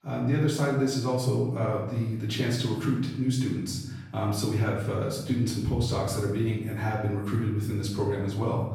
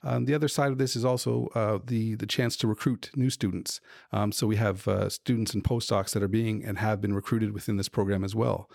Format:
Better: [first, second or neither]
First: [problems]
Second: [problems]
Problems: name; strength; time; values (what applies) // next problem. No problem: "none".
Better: second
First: off-mic speech; far // room echo; noticeable; dies away in 1.1 s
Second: none